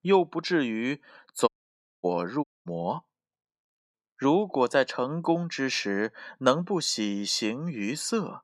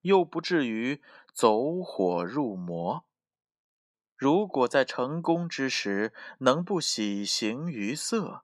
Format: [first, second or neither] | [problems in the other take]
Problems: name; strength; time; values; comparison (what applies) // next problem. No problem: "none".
second | audio cutting out; at 1.5 s for 0.5 s and at 2.5 s